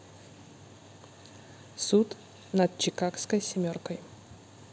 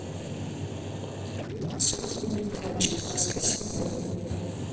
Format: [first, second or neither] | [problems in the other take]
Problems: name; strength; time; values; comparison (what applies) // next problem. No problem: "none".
first | noise reduction (neural separator model SepFormer DNS4)